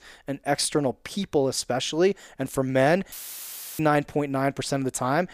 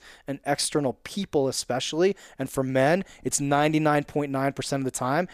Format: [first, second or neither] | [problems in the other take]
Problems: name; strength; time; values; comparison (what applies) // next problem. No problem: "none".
second | audio cutting out; filled with static; at 3 s for 0.5 s